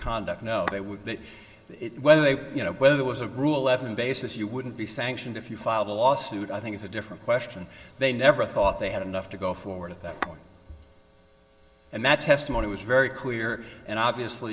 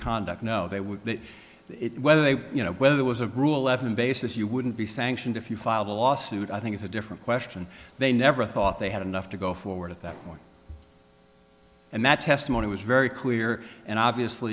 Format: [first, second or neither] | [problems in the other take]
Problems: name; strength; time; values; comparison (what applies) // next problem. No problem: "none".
second | background sound (Tap / Glass); 14 dB below the speech // room echo; dies away in 2.9 s